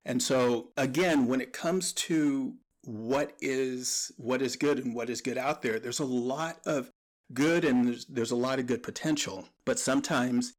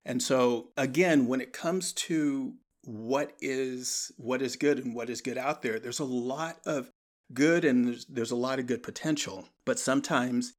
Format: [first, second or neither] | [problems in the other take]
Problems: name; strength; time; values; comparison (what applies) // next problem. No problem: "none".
second | distortion; slight; 6% of the sound clipped